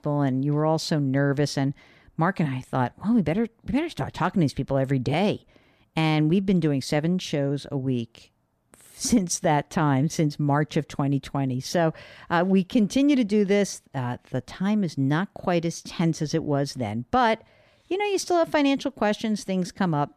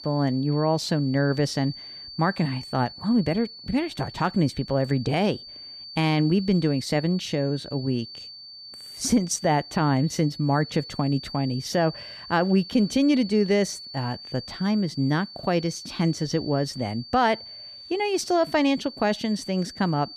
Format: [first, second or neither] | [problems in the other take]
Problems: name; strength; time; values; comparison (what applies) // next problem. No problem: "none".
first | high-pitched whine; noticeable; throughout; 4.5 kHz, 15 dB below the speech